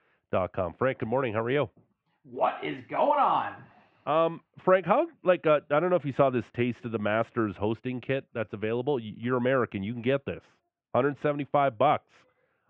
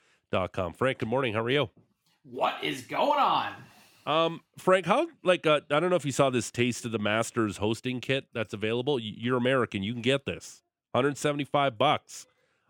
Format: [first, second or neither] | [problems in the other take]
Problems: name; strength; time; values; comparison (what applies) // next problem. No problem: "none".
second | muffled; very; fading above 2 kHz